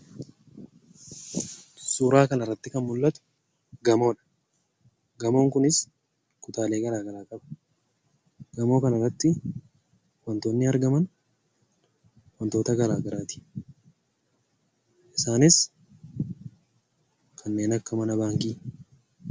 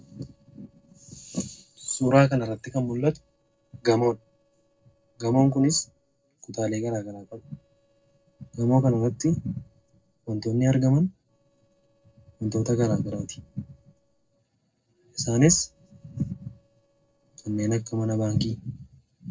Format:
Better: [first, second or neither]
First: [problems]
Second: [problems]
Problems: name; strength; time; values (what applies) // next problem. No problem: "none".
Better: first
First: none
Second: noise reduction (neural separator model SepFormer DNS4)